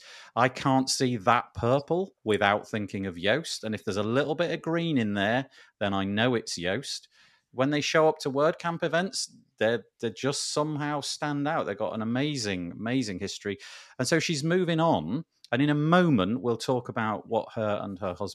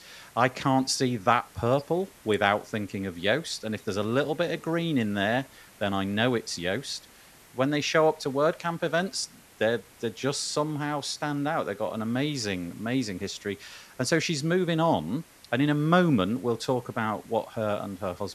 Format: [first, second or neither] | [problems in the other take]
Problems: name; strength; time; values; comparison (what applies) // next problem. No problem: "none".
first | hiss; faint; throughout; 25 dB below the speech